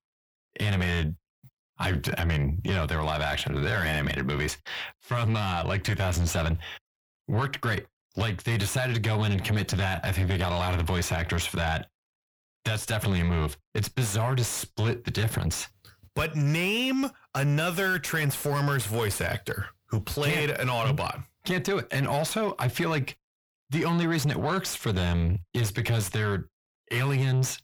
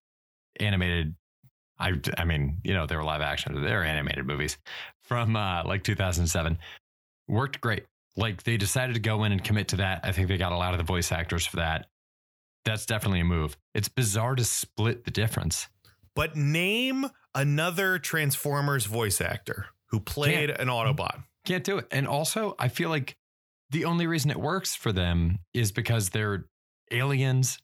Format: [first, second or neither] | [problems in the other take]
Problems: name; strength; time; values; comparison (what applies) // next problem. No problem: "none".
second | distortion; slight; 9 dB below the speech